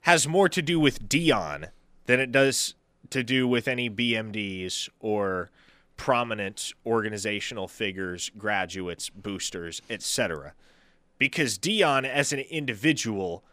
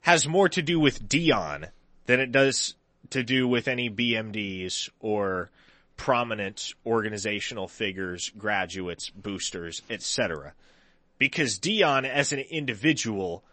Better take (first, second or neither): first